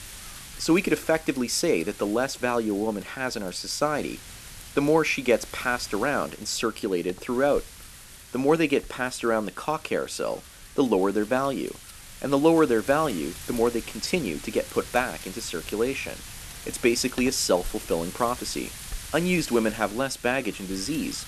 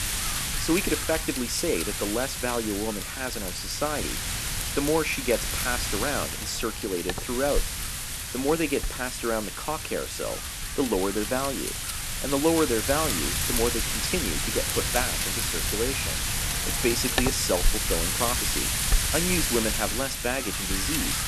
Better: first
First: wind noise on the microphone; occasional gusts; 15 dB below the speech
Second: wind noise on the microphone; heavy; as loud as the speech

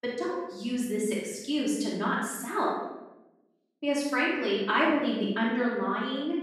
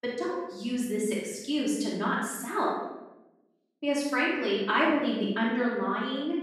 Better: neither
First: off-mic speech; far // room echo; strong; dies away in 0.9 s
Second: off-mic speech; far // room echo; strong; dies away in 0.9 s

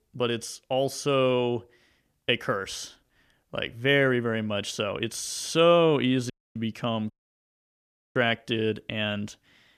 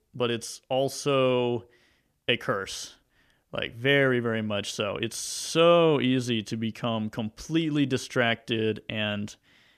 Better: second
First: audio cutting out; at 6.5 s and at 7 s for 1 s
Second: none

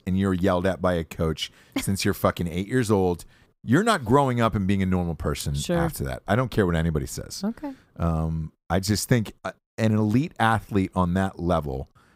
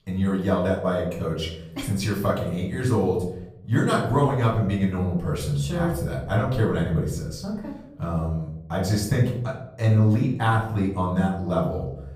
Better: first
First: none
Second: off-mic speech; far // room echo; noticeable; dies away in 0.8 s

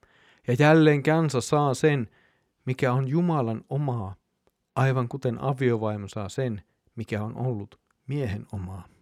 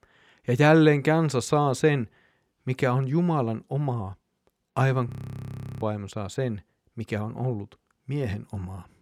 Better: first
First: none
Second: audio freezing; at 5 s for 0.5 s

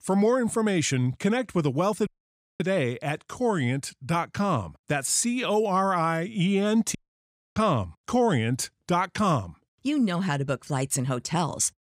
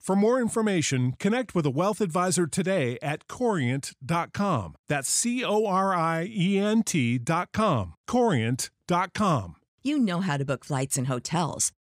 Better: second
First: audio cutting out; at 2 s for 0.5 s and at 7 s for 0.5 s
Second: none

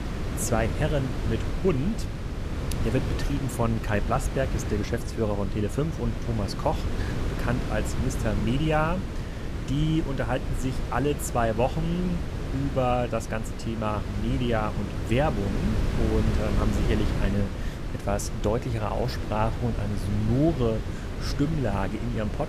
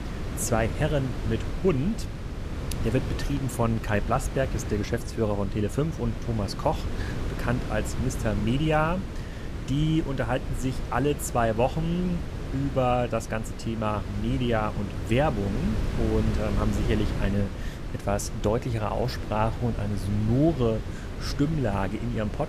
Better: second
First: wind noise on the microphone; heavy; 7 dB below the speech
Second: wind noise on the microphone; occasional gusts; 10 dB below the speech

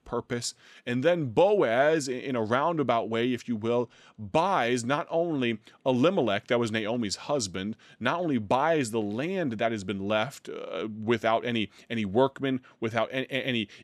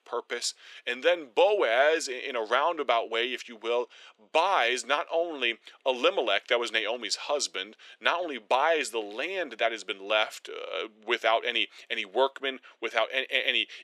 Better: first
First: none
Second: thin; very; fading below 400 Hz

